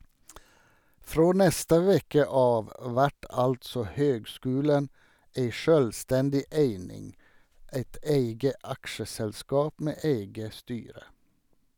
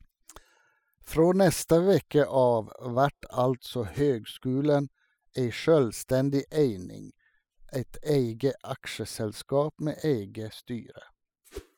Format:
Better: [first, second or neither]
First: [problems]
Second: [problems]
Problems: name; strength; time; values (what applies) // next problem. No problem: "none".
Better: first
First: none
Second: noise reduction (classical method spectral subtraction)